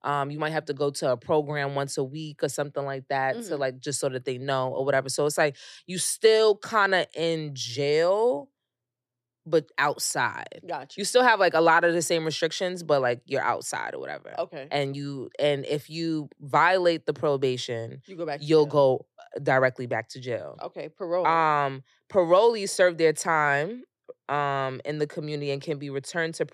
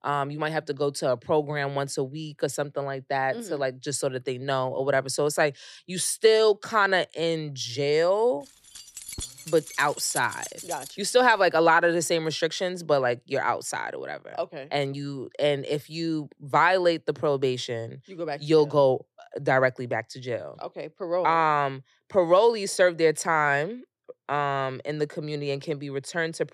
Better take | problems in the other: first | jangling keys; noticeable; from 9 to 11 s; peak 9 dB below the speech

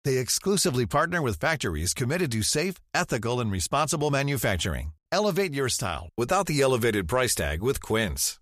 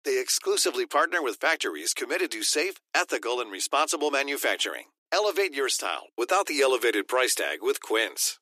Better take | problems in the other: first | thin; very; fading below 300 Hz

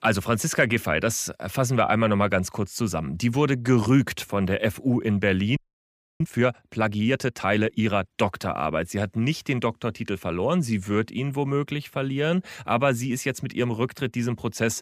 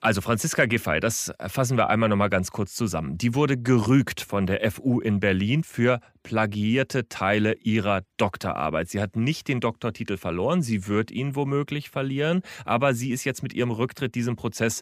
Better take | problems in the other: second | audio freezing; at 5.5 s for 0.5 s

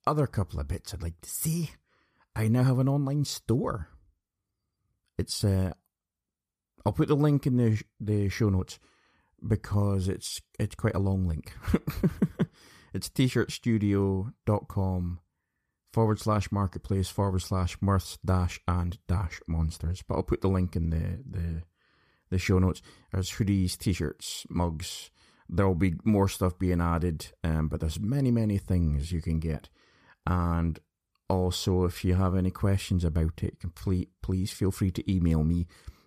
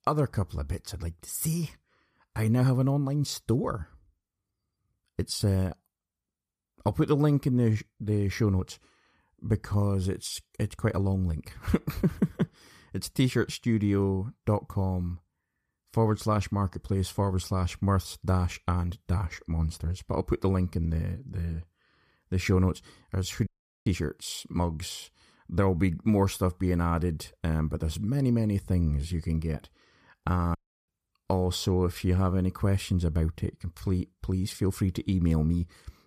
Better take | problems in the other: first | audio cutting out; at 23 s and at 31 s

